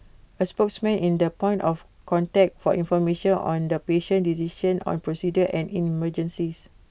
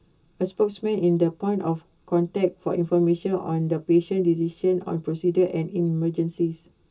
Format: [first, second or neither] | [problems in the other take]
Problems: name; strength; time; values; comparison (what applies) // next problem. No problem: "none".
first | room echo; dies away in 0.2 s